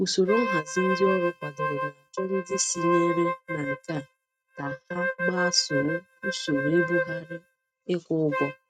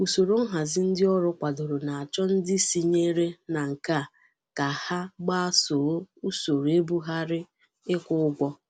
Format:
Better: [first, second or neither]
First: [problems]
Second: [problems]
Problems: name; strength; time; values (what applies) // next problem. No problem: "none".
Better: second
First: noise reduction (neural mask model RNNoise)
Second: none